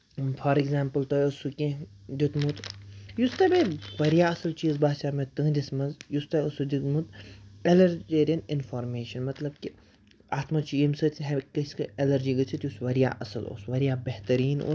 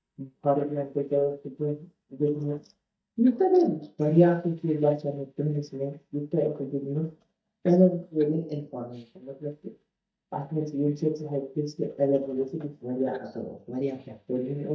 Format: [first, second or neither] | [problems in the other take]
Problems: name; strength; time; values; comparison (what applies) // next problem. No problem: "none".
first | noise reduction (neural mask model DeepFilterNet 3)